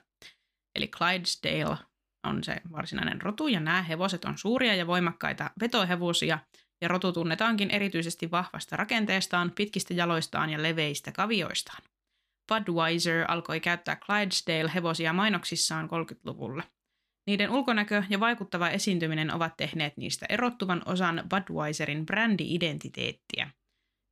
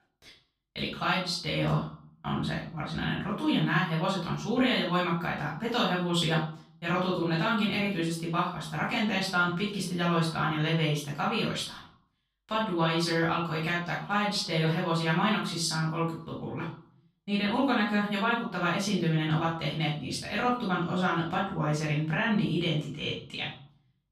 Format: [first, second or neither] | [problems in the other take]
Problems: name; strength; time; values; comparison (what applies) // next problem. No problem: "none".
first | off-mic speech; far // room echo; noticeable; dies away in 0.5 s